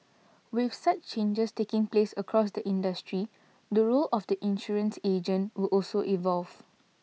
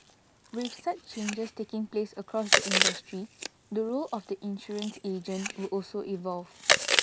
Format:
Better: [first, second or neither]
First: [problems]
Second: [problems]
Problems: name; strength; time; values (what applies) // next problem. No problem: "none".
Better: first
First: none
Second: background sound (Chewing, mastication); 3 dB above the speech